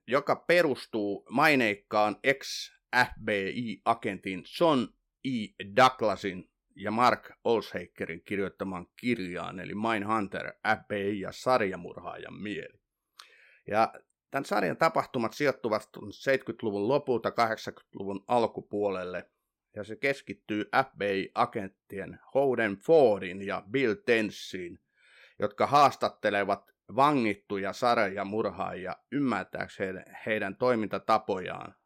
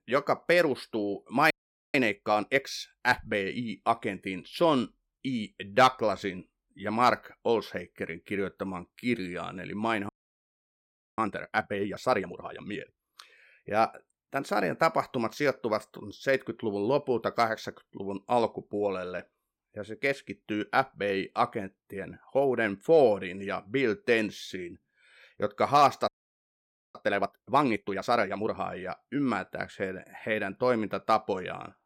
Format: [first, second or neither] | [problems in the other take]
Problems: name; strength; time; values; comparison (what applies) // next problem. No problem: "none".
first | audio freezing; at 1.5 s, at 10 s for 1 s and at 26 s for 1 s